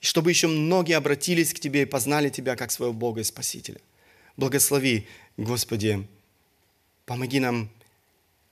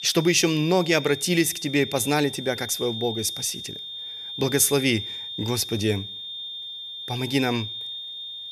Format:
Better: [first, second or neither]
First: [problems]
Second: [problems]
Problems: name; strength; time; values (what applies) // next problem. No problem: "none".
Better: first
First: none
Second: high-pitched whine; loud; throughout; 3.5 kHz, 9 dB below the speech